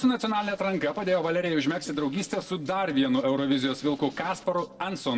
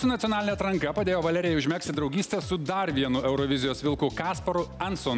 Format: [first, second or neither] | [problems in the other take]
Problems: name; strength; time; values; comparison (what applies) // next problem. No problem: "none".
second | noise reduction (neural separator model SepFormer DNS4)